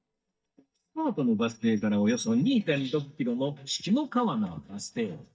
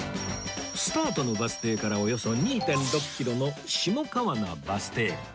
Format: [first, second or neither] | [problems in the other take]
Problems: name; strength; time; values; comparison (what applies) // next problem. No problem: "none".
second | noise reduction (neural mask model DeepFilterNet 3)